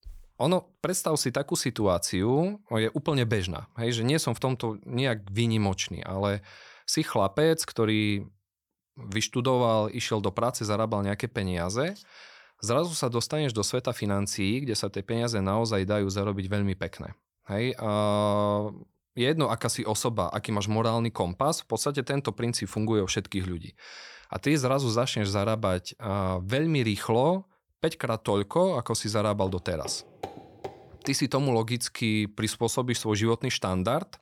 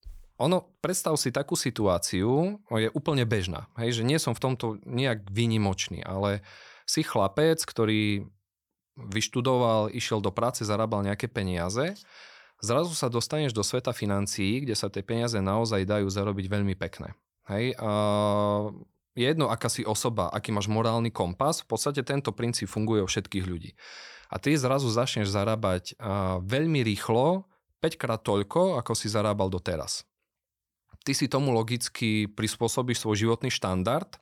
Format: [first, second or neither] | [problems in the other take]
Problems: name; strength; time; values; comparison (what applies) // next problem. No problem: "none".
second | footsteps; faint; from 29 to 31 s; peak 15 dB below the speech